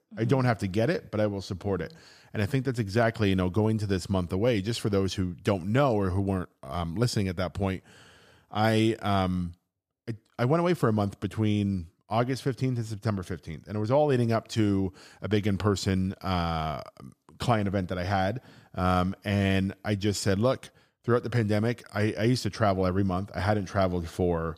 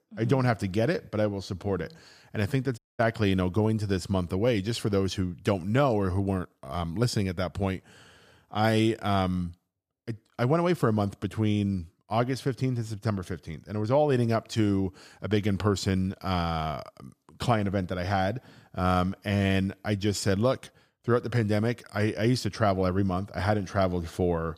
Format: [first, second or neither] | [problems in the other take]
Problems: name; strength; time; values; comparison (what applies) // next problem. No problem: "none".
first | audio cutting out; at 3 s